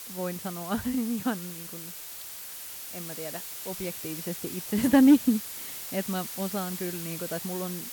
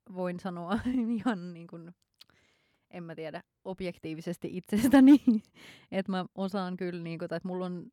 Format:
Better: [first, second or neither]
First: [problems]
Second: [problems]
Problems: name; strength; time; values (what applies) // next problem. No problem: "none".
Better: second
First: hiss; loud; throughout; 8 dB below the speech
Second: none